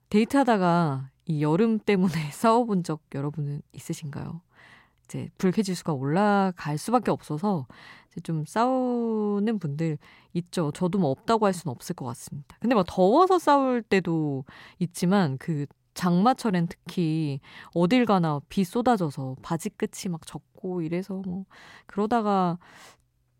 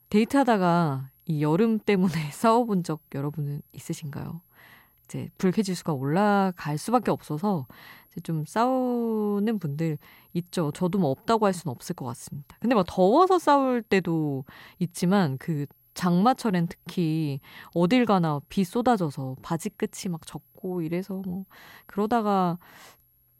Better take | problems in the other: first | high-pitched whine; faint; throughout; 11.5 kHz, 35 dB below the speech

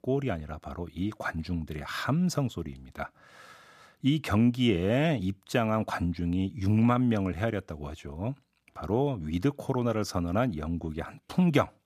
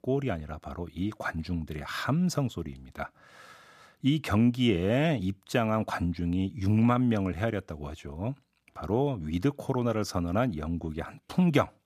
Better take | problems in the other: neither | none

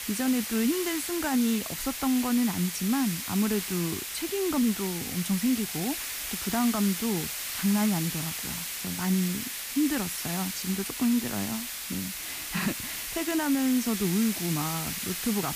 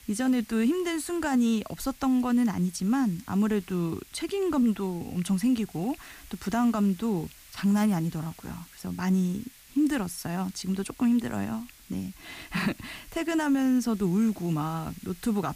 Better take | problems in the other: second | hiss; loud; throughout; 3 dB below the speech; faint in the second

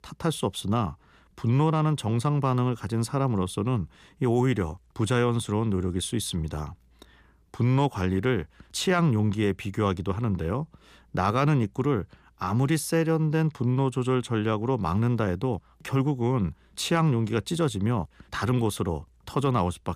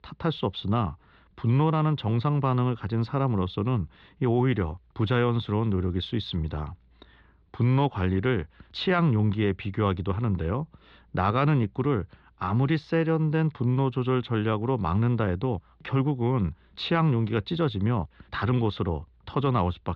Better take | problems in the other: first | muffled; slightly; fading above 4 kHz

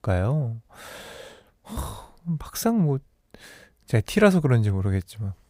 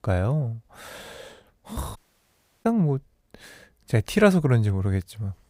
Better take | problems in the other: first | audio cutting out; at 2 s for 0.5 s

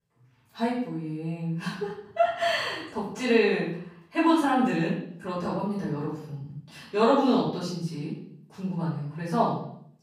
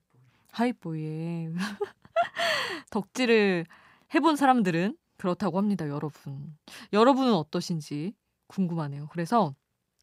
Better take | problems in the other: second | off-mic speech; far // room echo; noticeable; dies away in 0.6 s

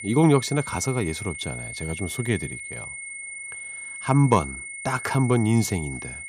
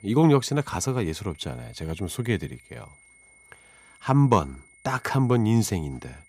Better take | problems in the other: second | high-pitched whine; loud; throughout; 2 kHz, 10 dB below the speech; faint in the second

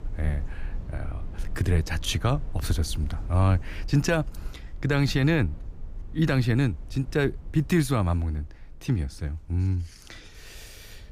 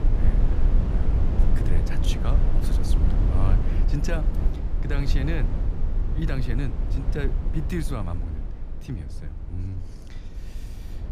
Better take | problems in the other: first | low rumble; loud; throughout; 2 dB below the speech; faint in the first

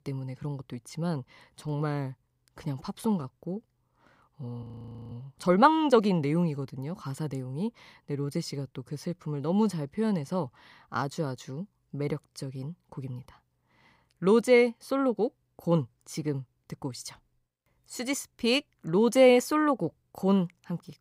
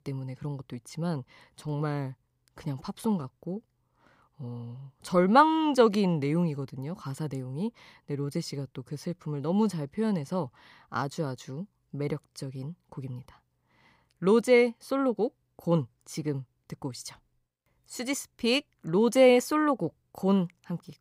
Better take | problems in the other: second | audio freezing; at 4.5 s

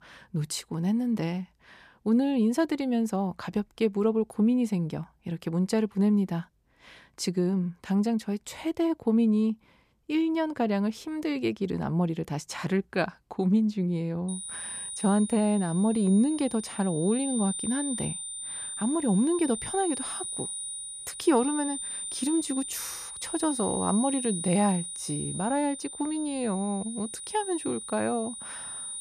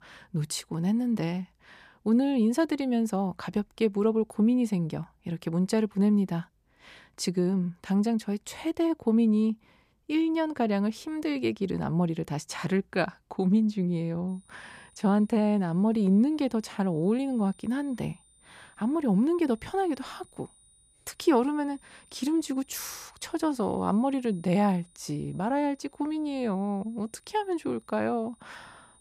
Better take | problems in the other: second | high-pitched whine; loud; from 14 s on; 9.5 kHz, 6 dB below the speech; faint in the second

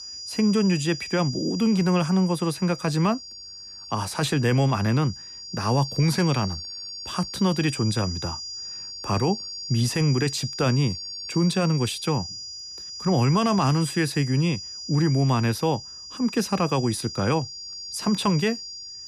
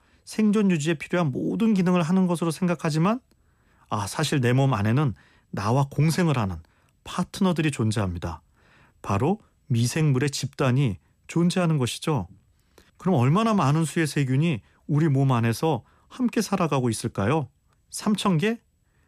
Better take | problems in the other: second | high-pitched whine; loud; throughout; 5 kHz, 10 dB below the speech

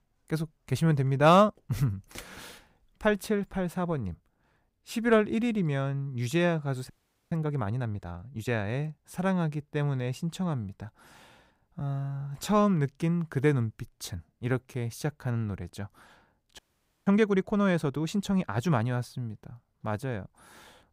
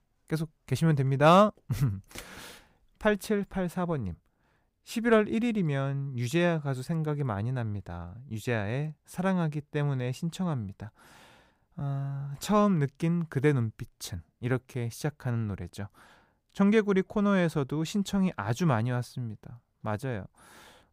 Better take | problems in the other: second | audio freezing; at 7 s and at 17 s

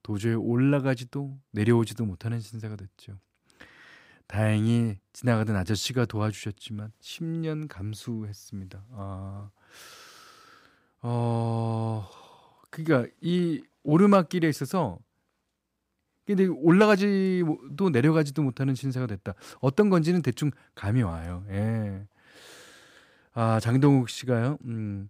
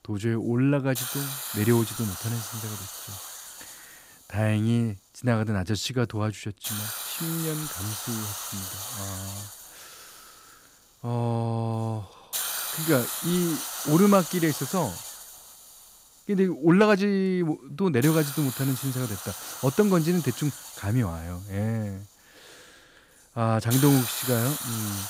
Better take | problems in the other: first | hiss; loud; throughout; 6 dB below the speech

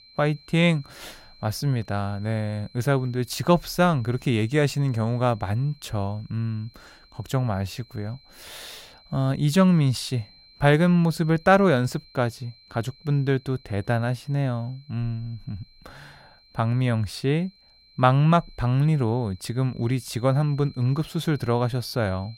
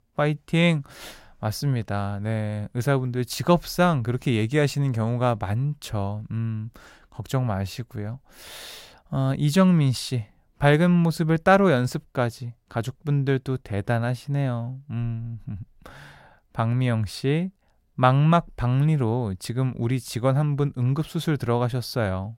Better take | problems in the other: second | high-pitched whine; faint; throughout; 4 kHz, 25 dB below the speech

